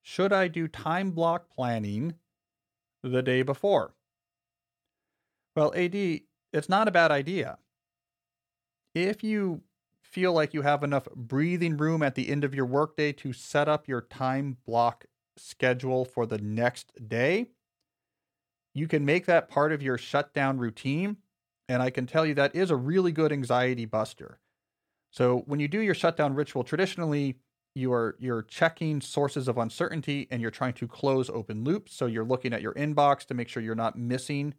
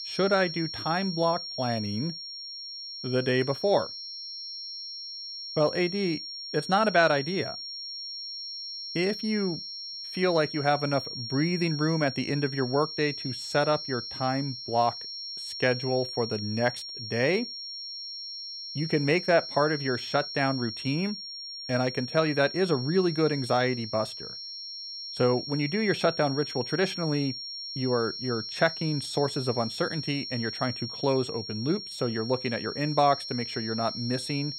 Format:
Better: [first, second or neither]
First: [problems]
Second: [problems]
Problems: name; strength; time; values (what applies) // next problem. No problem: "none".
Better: first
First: none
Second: high-pitched whine; loud; throughout; 5.5 kHz, 7 dB below the speech